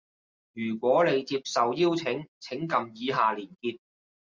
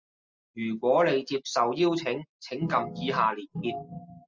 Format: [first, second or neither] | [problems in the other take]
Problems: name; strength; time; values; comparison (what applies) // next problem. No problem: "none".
first | noise reduction (classical method spectral subtraction)